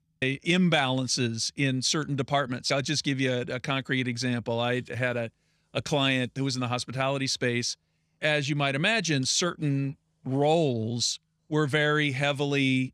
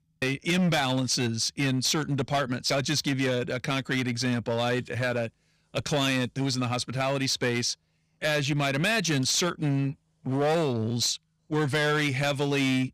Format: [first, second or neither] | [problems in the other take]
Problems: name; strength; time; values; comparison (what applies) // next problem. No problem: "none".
first | distortion; slight; 11% of the sound clipped